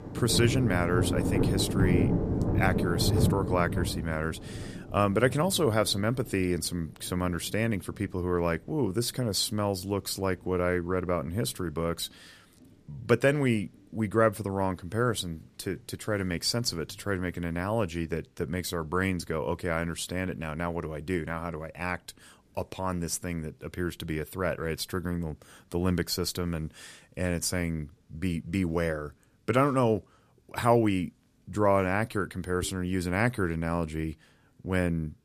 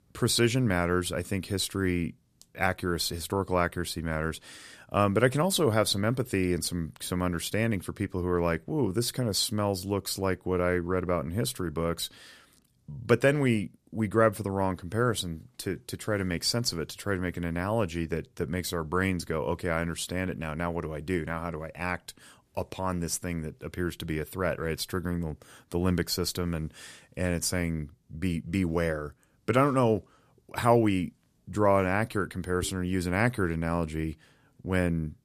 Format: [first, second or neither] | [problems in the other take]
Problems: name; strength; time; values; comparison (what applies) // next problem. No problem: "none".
second | rain or running water; loud; throughout; 1 dB below the speech